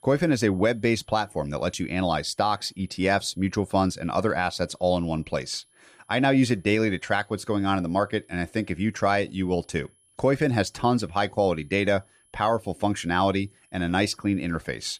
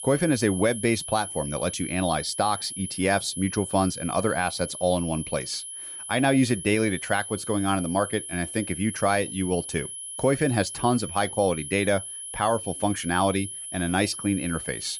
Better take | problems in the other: first | high-pitched whine; loud; throughout; 10.5 kHz, 8 dB below the speech; faint in the first

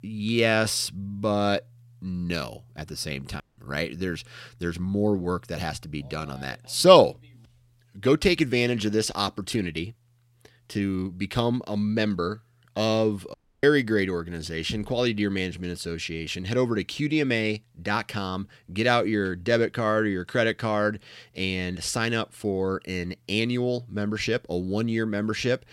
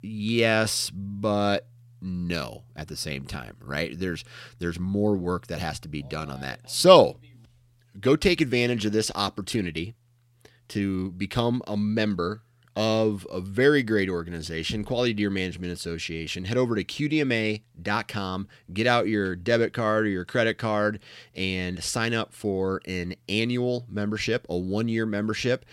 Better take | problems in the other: second | audio cutting out; at 3.5 s and at 13 s

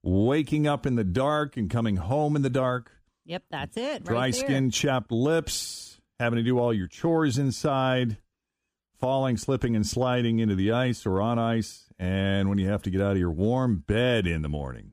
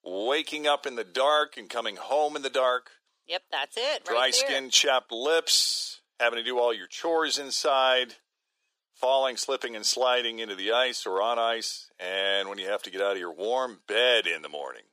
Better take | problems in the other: first | thin; very; fading below 450 Hz

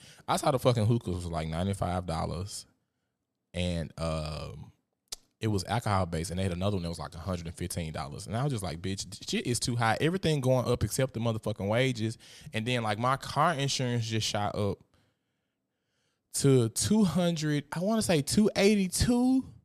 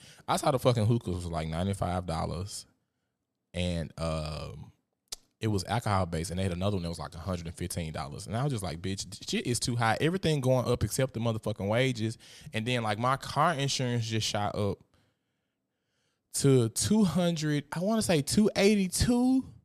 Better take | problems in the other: neither | none

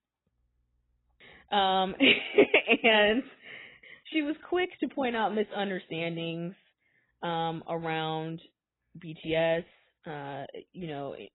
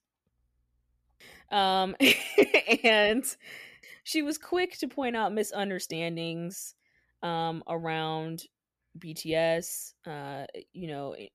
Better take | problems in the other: second | garbled, watery; badly; nothing above 4 kHz

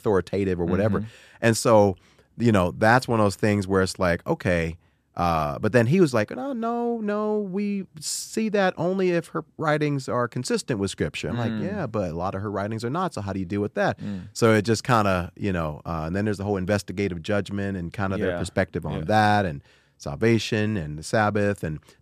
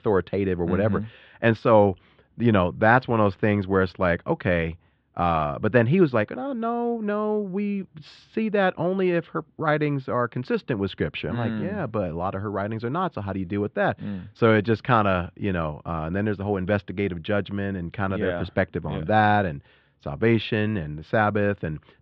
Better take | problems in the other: first | muffled; very; fading above 3.5 kHz

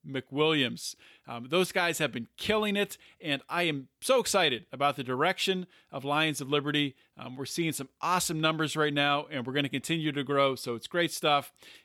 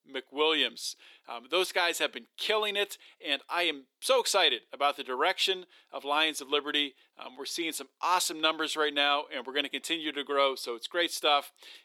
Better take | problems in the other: first | thin; somewhat; fading below 350 Hz

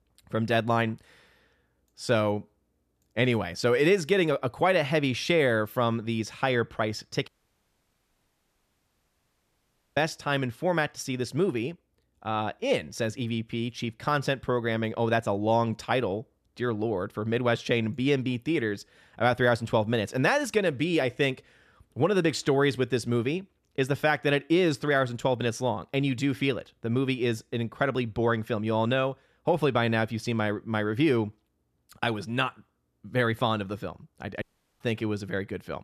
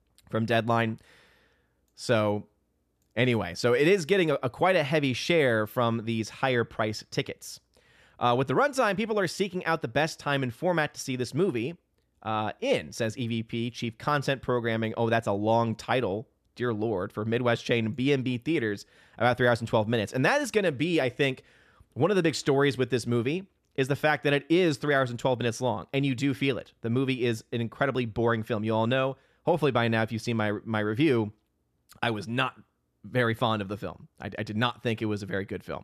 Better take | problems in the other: second | audio cutting out; at 7.5 s for 2.5 s and at 34 s

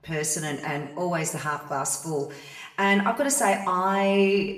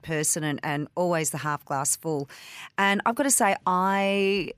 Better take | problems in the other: second | room echo; slight; dies away in 0.7 s // off-mic speech; far

